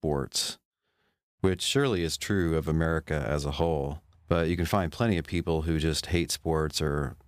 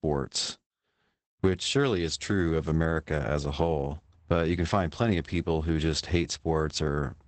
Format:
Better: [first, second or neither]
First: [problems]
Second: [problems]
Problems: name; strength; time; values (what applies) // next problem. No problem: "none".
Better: first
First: none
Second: garbled, watery; badly; nothing above 8 kHz